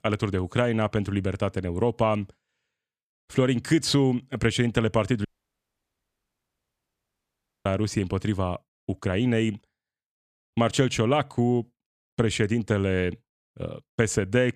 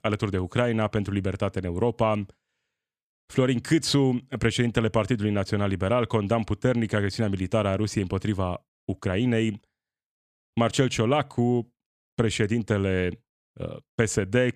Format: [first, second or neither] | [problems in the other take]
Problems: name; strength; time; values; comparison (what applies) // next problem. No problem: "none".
second | audio cutting out; at 5.5 s for 2.5 s